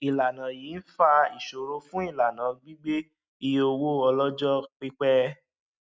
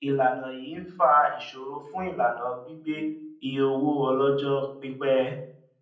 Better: first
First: none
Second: room echo; dies away in 0.6 s

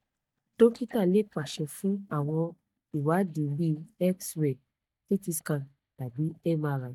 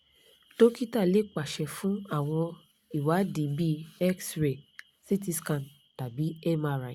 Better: second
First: noise reduction (neural mask model DeepFilterNet 3)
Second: none

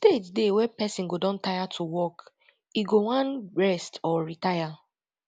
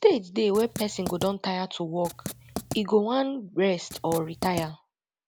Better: first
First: none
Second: background sound (Writing); 11 dB below the speech

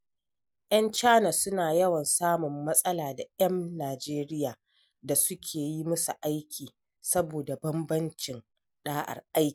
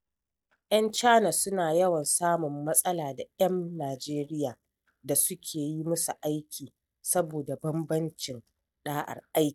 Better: first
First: none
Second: noise reduction (neural mask model DeepFilterNet 3)

